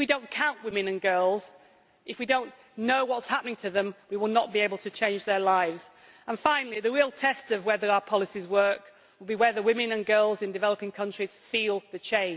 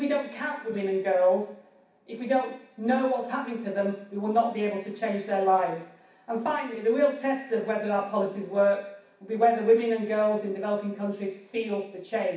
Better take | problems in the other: first | room echo; dies away in 0.6 s

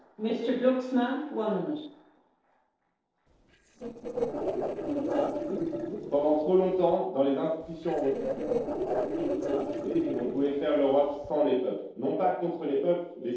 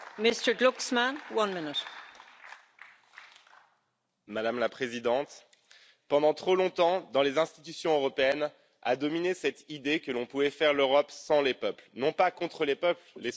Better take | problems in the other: second | noise reduction (neural separator model SepFormer DNS4)

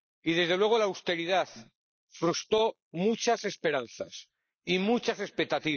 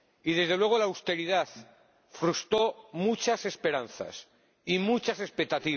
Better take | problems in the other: second | noise reduction (neural mask model Resemble Enhance denoiser)

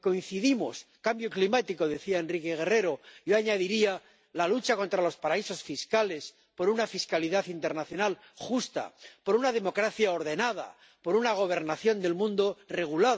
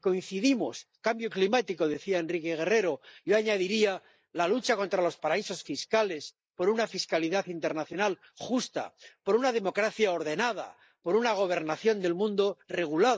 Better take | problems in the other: first | noise reduction (neural mask model Resemble Enhance denoiser)

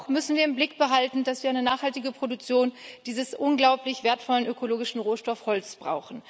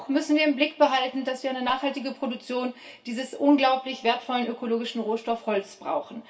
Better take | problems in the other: first | room echo; dies away in 0.2 s

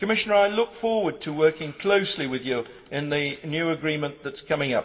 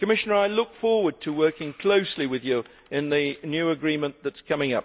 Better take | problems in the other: second | room echo; dies away in 1.4 s

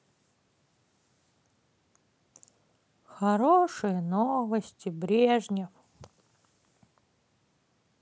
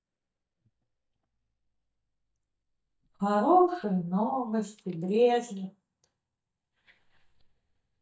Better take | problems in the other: first | noise reduction (neural mask model DeepFilterNet 3)

